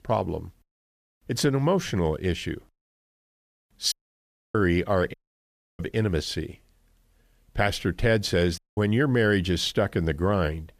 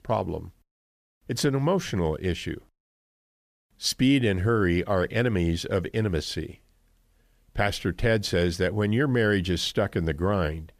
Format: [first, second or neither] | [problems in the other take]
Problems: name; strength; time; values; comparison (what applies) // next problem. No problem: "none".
second | audio cutting out; at 4 s for 0.5 s, at 5 s for 0.5 s and at 8.5 s